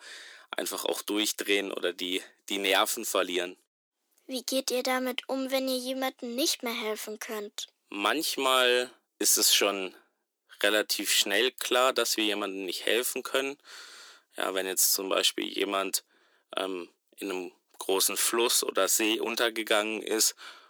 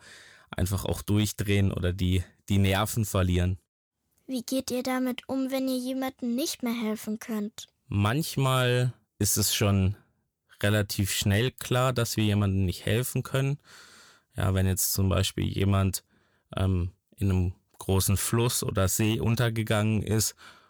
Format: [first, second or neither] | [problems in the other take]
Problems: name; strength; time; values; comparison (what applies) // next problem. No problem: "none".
second | thin; very; fading below 300 Hz